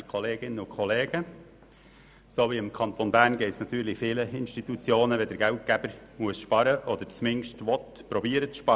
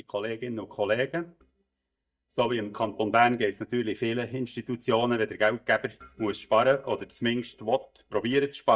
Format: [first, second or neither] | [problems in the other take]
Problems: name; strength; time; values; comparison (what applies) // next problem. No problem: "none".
first | noise reduction (neural mask model DeepFilterNet 3)